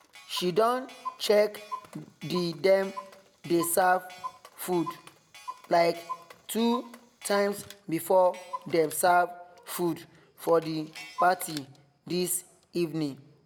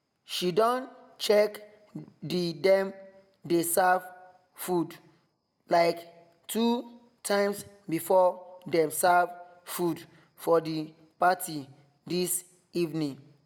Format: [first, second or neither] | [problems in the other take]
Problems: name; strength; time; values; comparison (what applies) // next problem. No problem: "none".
second | background sound (Clock); 16 dB below the speech